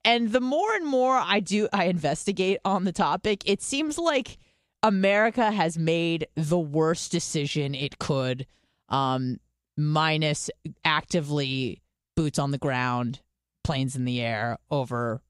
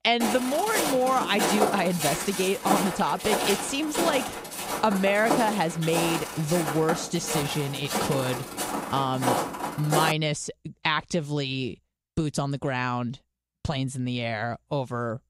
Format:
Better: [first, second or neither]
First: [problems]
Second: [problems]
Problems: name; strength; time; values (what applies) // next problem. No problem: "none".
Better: first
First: none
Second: footsteps; loud; until 10 s; peak 3 dB above the speech